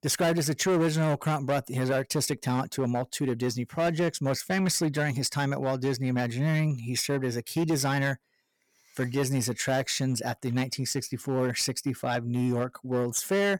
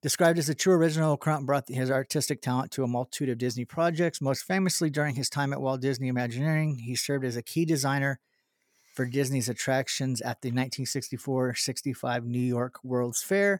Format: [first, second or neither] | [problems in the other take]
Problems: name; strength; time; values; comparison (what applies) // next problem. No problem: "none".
second | distortion; slight; 9% of the sound clipped